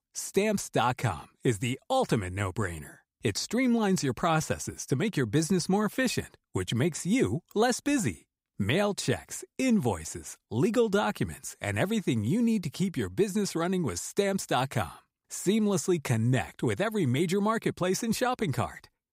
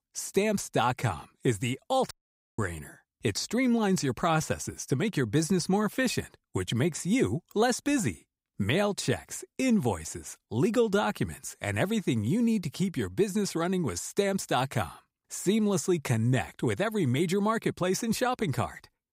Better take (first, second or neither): first